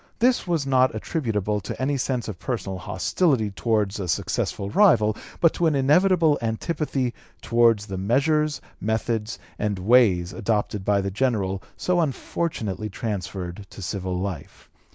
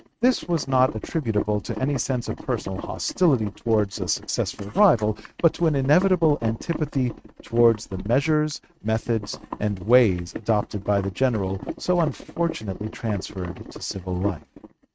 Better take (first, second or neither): first